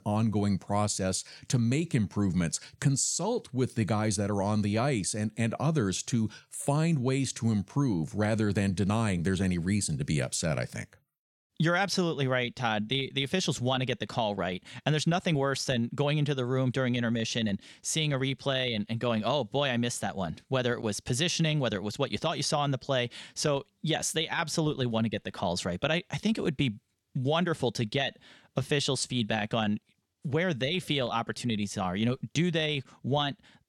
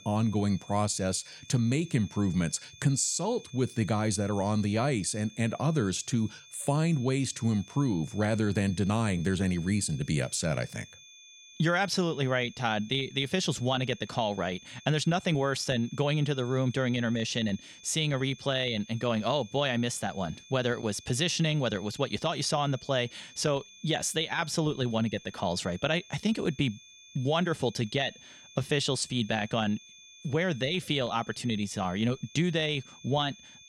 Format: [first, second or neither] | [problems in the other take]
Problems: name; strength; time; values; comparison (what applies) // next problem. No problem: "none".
first | high-pitched whine; faint; throughout; 3.5 kHz, 20 dB below the speech